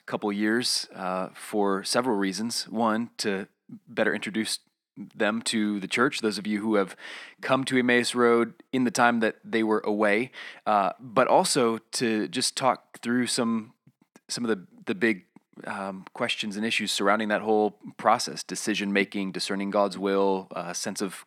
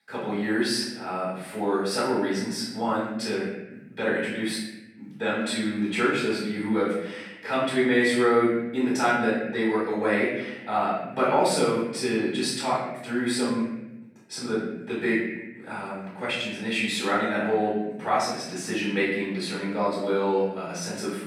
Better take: first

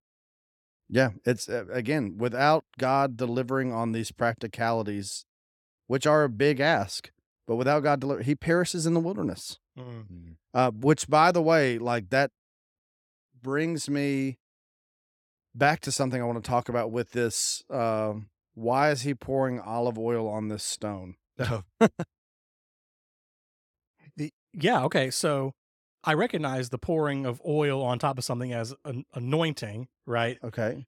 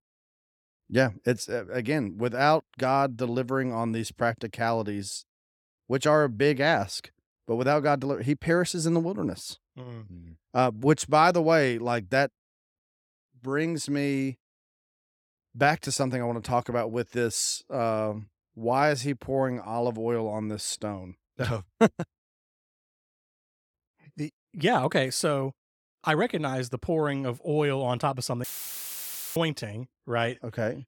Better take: first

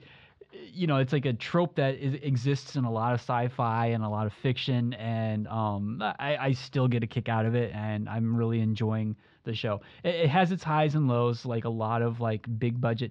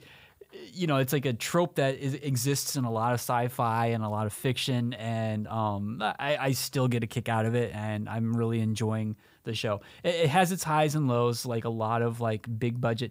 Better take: second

